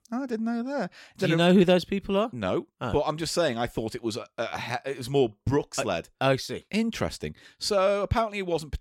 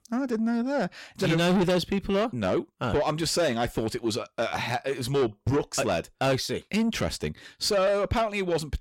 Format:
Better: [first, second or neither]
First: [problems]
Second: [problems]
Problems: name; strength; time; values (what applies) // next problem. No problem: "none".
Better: first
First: none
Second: distortion; heavy; 8 dB below the speech